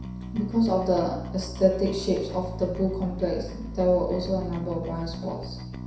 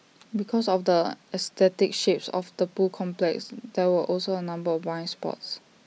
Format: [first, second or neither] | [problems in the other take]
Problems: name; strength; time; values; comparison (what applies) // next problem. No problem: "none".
second | background sound (Bass guitar); 9 dB below the speech // room echo; dies away in 0.7 s